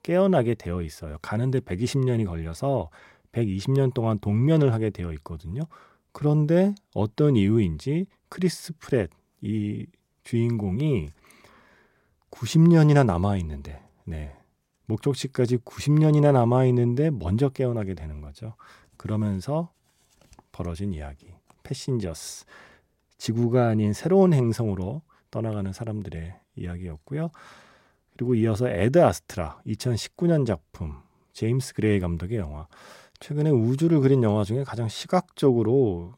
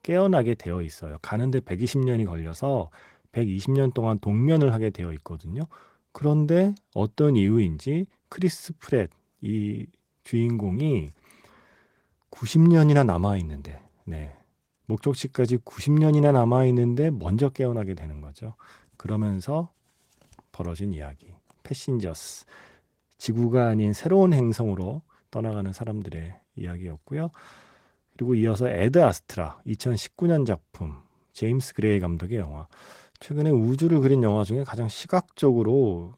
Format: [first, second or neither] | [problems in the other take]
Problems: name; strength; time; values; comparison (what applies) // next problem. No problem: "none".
first | garbled, watery; slightly; nothing above 16 kHz